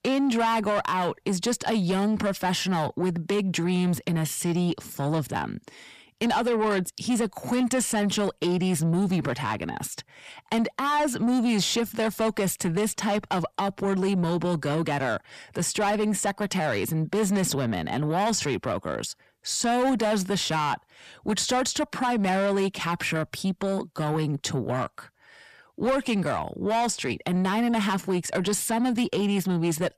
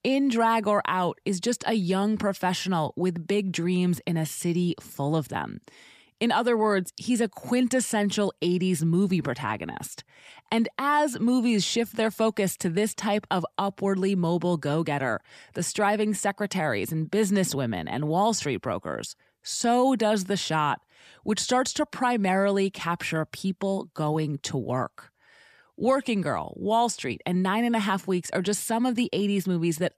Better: second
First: distortion; slight; 10 dB below the speech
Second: none

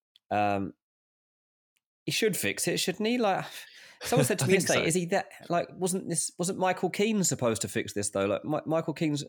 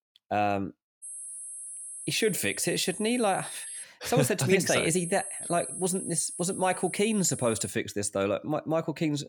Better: first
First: none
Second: high-pitched whine; loud; from 1 to 4 s and from 4.5 to 7.5 s; 10.5 kHz, 9 dB below the speech

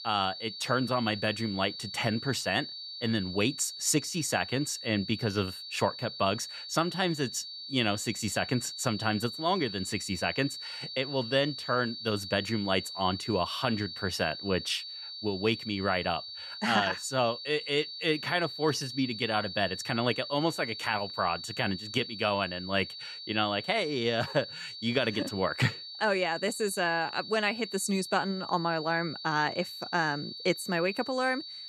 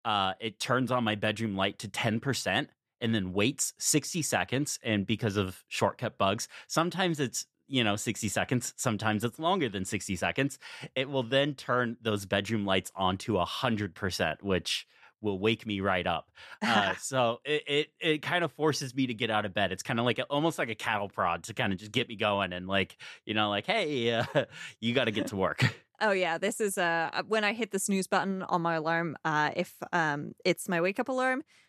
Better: second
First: high-pitched whine; loud; throughout; 4.5 kHz, 9 dB below the speech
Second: none

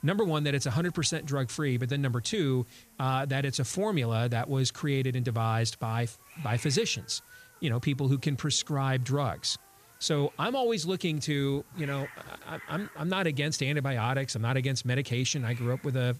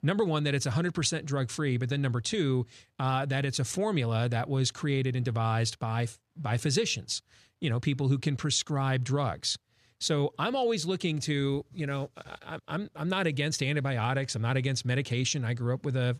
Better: second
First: hiss; faint; throughout; 20 dB below the speech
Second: none

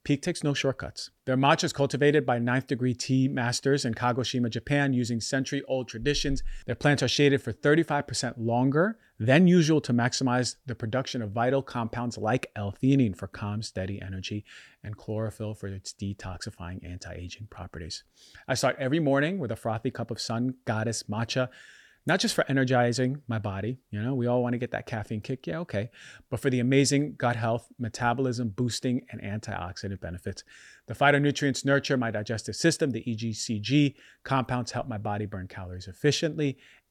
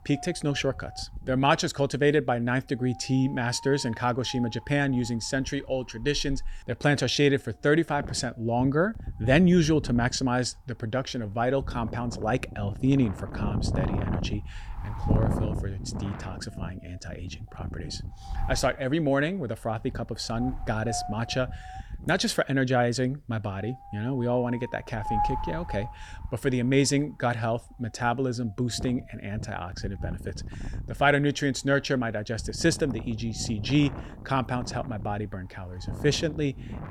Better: first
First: none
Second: wind noise on the microphone; occasional gusts; 10 dB below the speech

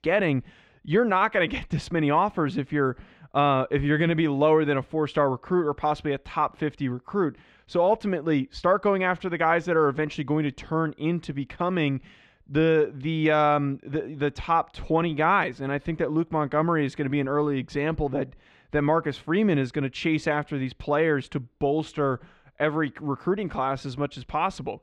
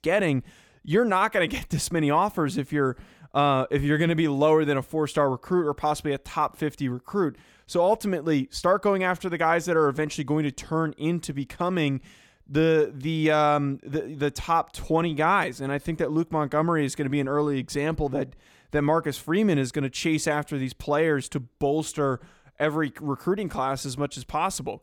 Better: second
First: muffled; slightly; fading above 3 kHz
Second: none

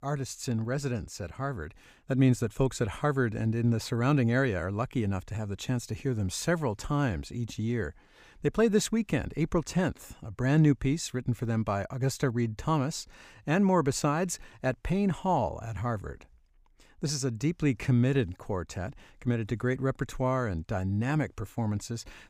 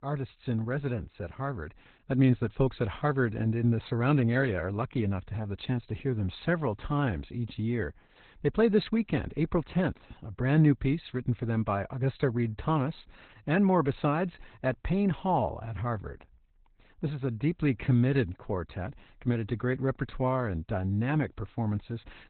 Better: first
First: none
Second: garbled, watery; badly; nothing above 4 kHz

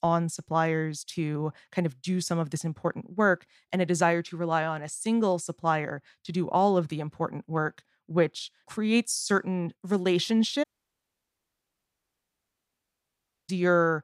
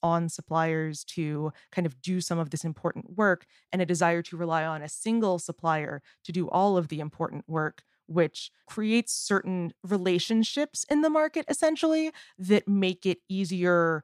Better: second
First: audio cutting out; at 11 s for 3 s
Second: none

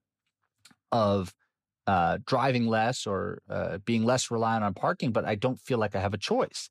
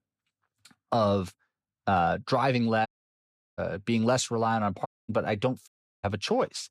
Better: first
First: none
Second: audio cutting out; at 3 s for 0.5 s, at 5 s and at 5.5 s

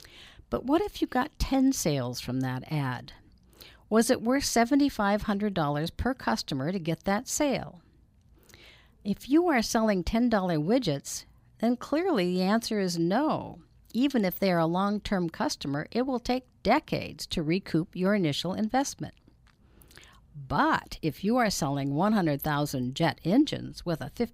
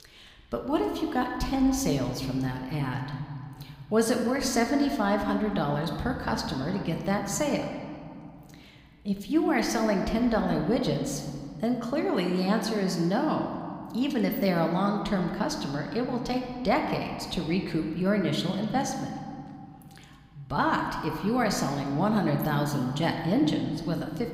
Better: first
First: none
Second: room echo; slight; dies away in 2 s

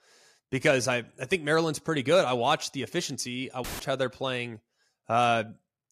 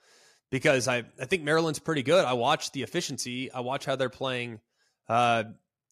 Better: second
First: audio cutting out; filled with static; at 3.5 s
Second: none

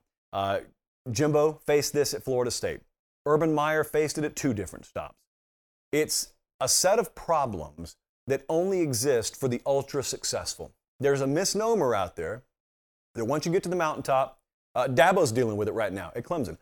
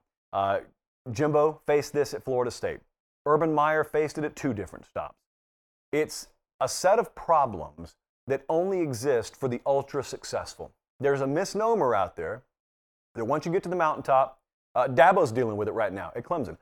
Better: first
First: none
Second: muffled; slightly; fading above 4 kHz

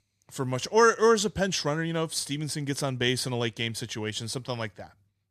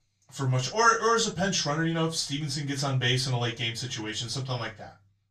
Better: first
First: none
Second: room echo; very slight; dies away in 0.2 s // off-mic speech; far

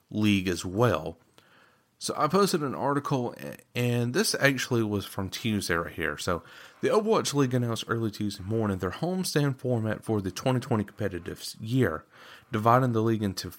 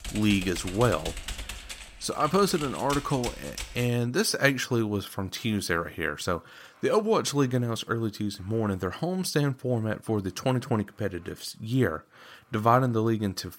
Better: first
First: none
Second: keyboard typing; noticeable; until 4 s; peak 8 dB below the speech

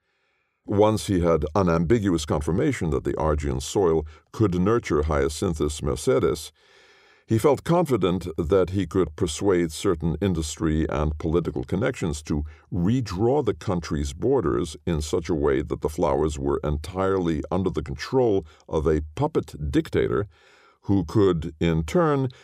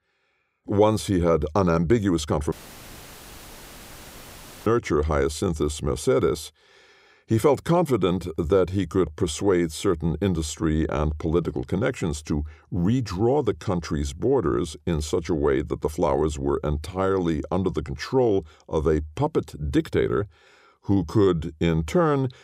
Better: first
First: none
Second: audio cutting out; filled with static; at 2.5 s for 2 s

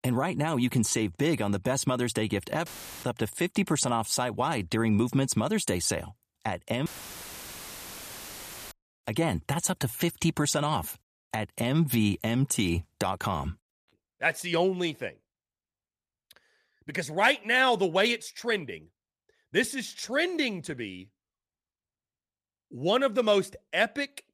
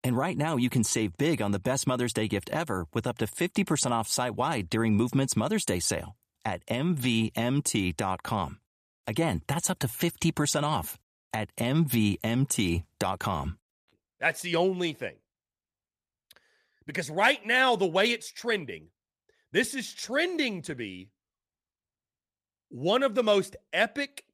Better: second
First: audio cutting out; filled with static; at 2.5 s and at 7 s for 2 s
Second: none

